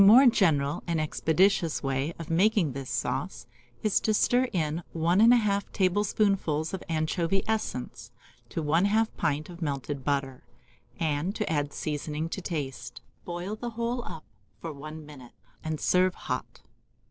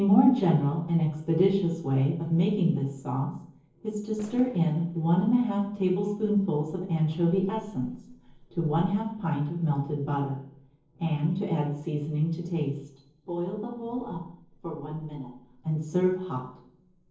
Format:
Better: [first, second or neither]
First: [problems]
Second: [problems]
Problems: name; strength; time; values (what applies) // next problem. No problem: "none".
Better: first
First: none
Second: noise reduction (neural separator model SepFormer DNS4)